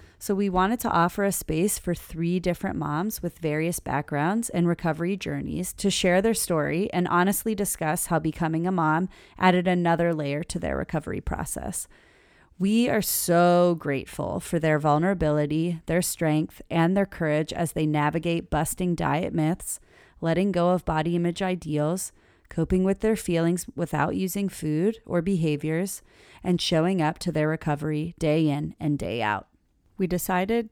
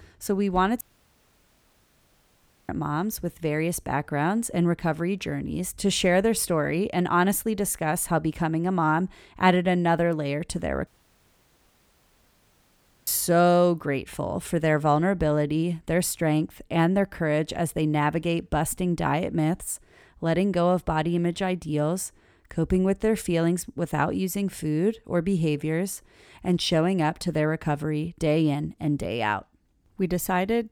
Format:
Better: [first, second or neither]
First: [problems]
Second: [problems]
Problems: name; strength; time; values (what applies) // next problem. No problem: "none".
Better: first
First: none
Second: audio cutting out; at 1 s for 2 s and at 11 s for 2 s